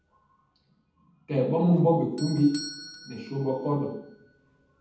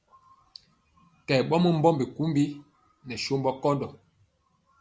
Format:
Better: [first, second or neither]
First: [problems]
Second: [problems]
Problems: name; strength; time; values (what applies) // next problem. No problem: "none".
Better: second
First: background sound (Doorbell); 19 dB below the speech // room echo; dies away in 0.8 s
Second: none